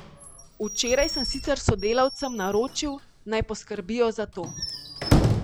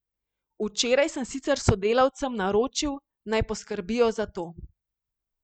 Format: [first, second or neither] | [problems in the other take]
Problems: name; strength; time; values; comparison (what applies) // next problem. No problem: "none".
second | background sound (Squeak / Slam / Wood); 2 dB below the speech